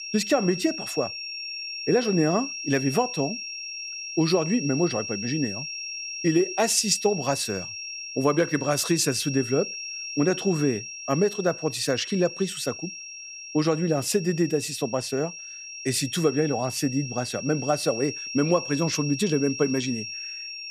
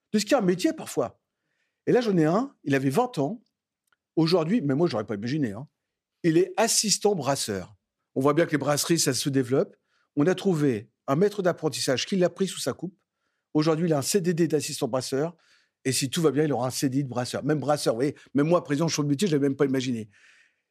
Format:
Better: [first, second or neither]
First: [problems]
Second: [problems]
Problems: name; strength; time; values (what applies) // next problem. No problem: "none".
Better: second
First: high-pitched whine; loud; throughout; 5.5 kHz, 7 dB below the speech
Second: none